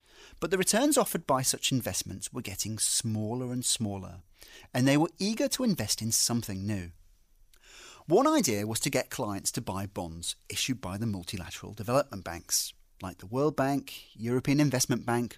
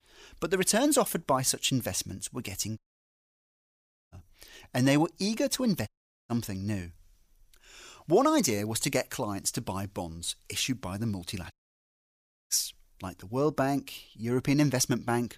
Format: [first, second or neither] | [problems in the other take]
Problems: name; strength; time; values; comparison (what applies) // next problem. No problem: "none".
first | audio cutting out; at 3 s for 1.5 s, at 6 s and at 12 s for 1 s